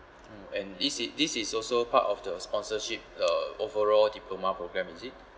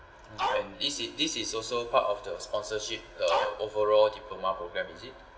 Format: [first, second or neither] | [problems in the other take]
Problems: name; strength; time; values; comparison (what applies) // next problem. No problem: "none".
first | background sound (Dog); 1 dB below the speech // room echo; dies away in 0.7 s